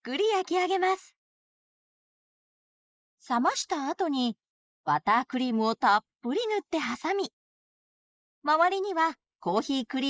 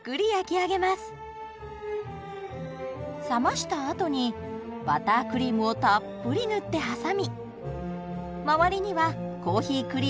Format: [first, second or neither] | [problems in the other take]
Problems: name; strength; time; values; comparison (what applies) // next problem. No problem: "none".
second | noise reduction (neural mask model Resemble Enhance denoiser)